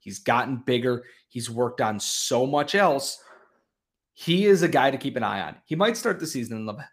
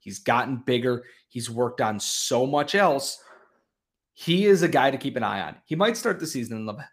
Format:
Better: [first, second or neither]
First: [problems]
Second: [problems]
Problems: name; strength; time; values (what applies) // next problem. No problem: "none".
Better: neither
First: none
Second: none